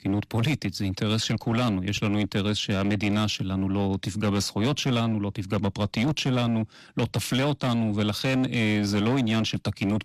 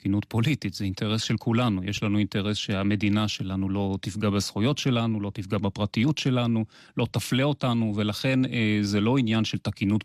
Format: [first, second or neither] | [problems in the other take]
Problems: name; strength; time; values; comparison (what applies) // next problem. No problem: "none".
second | distortion; slight; 16% of the sound clipped